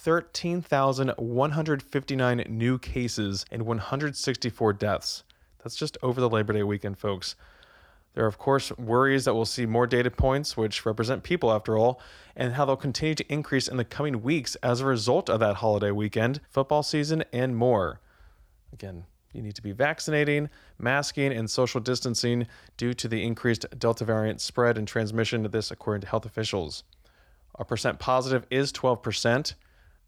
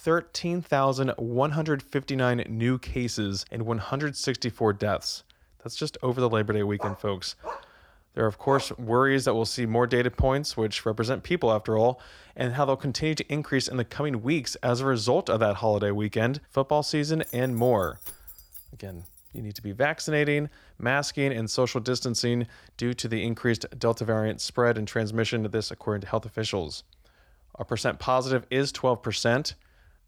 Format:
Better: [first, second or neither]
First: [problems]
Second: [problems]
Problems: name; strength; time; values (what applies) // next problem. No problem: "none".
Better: first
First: none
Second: dog barking; noticeable; from 7 to 8.5 s; peak 9 dB below the speech // jangling keys; faint; from 17 to 20 s; peak 15 dB below the speech